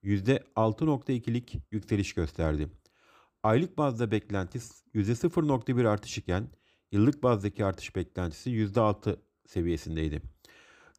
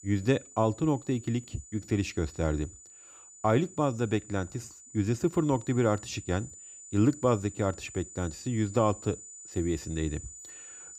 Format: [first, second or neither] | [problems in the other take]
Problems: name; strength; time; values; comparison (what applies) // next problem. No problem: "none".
first | high-pitched whine; noticeable; throughout; 7 kHz, 15 dB below the speech